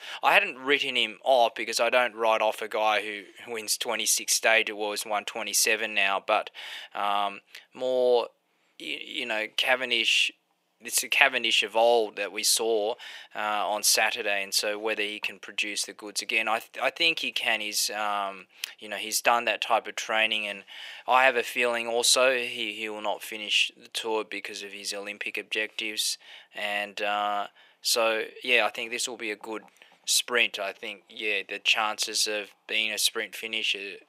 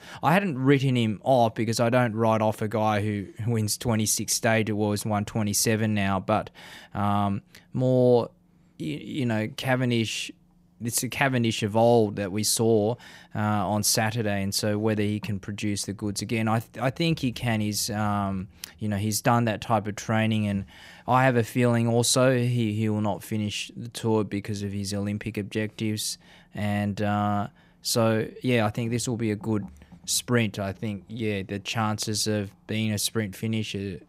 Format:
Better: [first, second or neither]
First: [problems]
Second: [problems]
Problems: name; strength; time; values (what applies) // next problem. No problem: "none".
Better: second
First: thin; very; fading below 450 Hz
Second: none